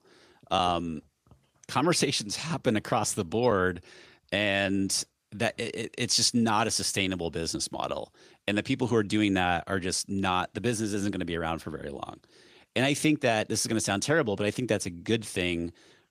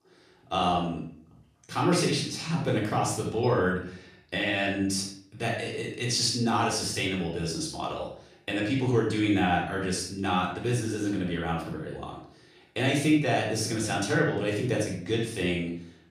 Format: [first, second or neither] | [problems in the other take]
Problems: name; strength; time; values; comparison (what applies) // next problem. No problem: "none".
first | off-mic speech; far // room echo; noticeable; dies away in 0.5 s